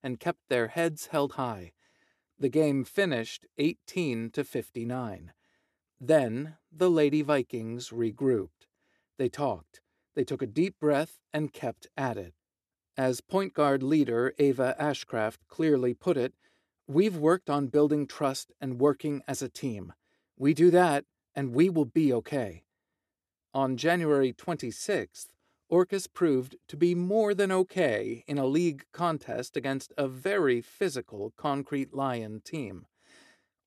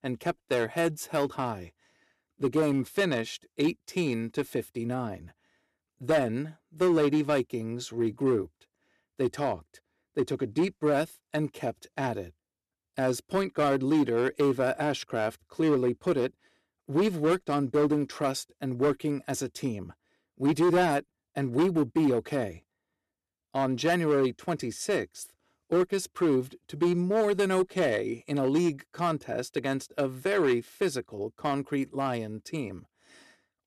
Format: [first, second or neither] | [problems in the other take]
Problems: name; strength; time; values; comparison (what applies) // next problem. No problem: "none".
first | distortion; slight; 5% of the sound clipped